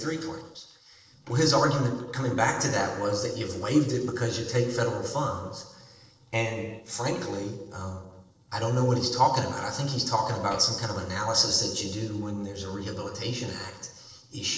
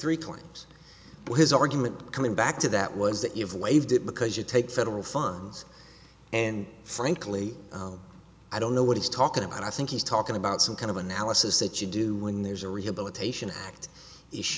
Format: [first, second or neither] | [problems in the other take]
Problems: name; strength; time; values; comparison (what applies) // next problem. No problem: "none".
second | noise reduction (neural separator model SepFormer DNS4)